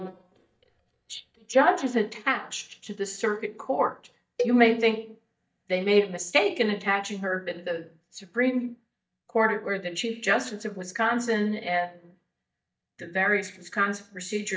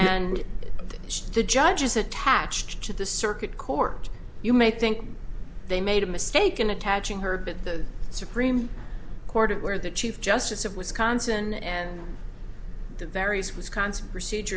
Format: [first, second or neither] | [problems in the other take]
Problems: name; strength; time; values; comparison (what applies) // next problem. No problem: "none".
second | noise reduction (neural mask model DeepFilterNet 3)